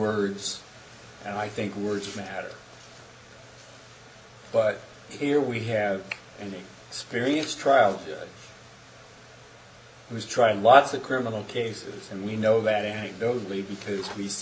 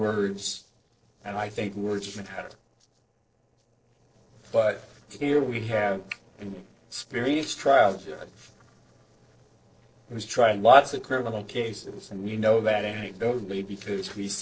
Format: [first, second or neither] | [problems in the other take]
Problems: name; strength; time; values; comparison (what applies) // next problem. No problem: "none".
first | noise reduction (neural separator model SepFormer DNS4)